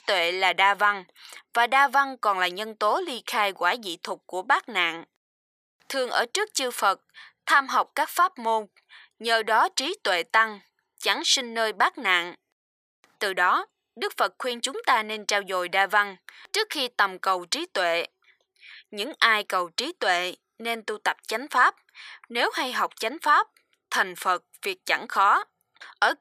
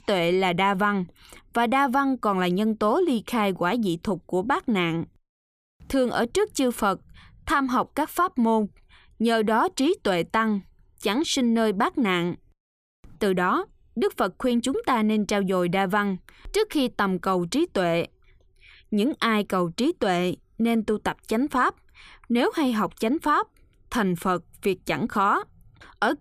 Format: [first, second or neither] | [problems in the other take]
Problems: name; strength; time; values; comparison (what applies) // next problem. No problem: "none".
second | thin; very; fading below 750 Hz